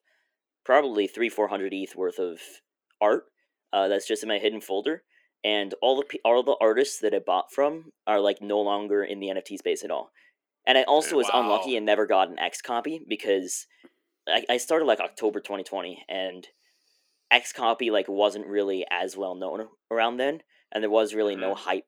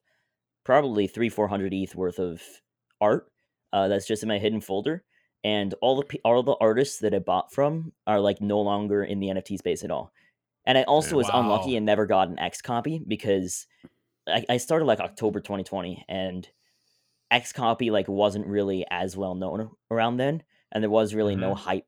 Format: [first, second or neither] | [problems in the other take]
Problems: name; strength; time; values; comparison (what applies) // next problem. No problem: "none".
second | thin; somewhat; fading below 300 Hz